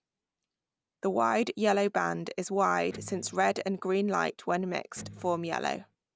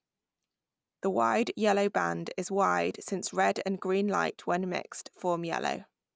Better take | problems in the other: second | background sound (Electric guitar); 19 dB below the speech

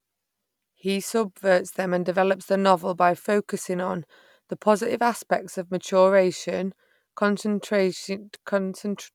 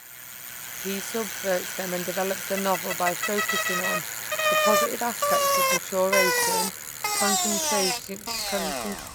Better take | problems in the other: first | background sound (Bicycle); 3 dB above the speech

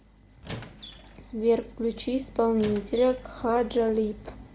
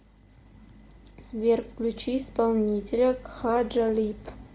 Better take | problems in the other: second | background sound (Squeak); 15 dB below the speech

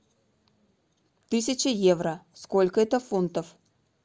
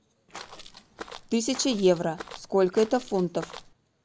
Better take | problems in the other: first | background sound (Walk, footsteps); 16 dB below the speech

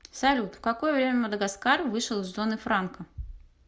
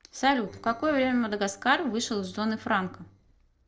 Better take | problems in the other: first | noise reduction (neural separator model SepFormer DNS4)

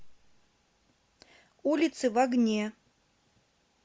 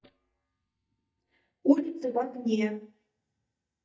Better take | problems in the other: first | noise reduction (neural mask model DeepFilterNet 3)

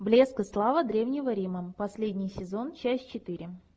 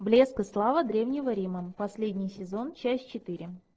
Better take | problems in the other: first | noise reduction (neural separator model SepFormer DNS4)

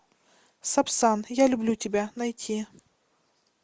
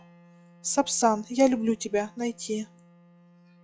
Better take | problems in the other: first | noise reduction (classical method log-MMSE)

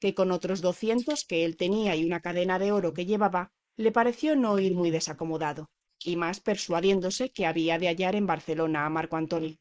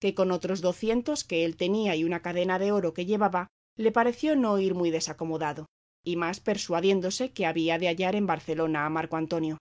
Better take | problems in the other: second | noise reduction (neural mask model Resemble Enhance denoiser)

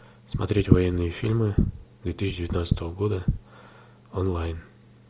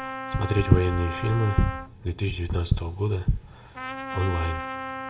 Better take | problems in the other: first | background sound (Trumpet); 10 dB below the speech // room echo; dies away in 0.7 s

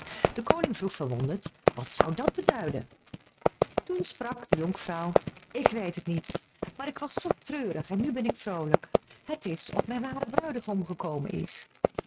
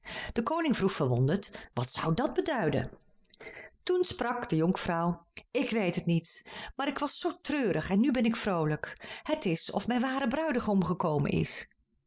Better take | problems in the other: second | noise reduction (neural mask model RNNoise)

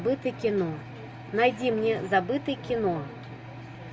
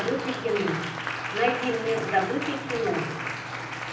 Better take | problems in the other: first | background sound (Applause); 5 dB below the speech // room echo; dies away in 0.6 s

